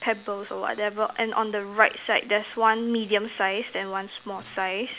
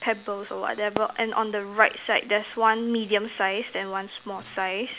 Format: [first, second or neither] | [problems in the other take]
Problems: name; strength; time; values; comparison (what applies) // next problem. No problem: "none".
first | background sound (Fireworks); 18 dB below the speech